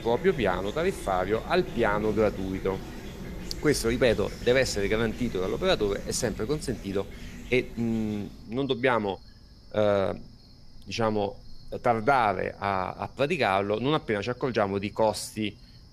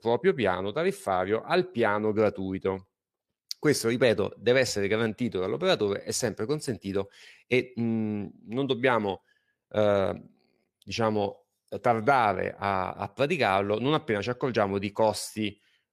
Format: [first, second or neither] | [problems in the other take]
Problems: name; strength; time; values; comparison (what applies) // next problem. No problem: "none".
second | animal sounds; noticeable; throughout; 15 dB below the speech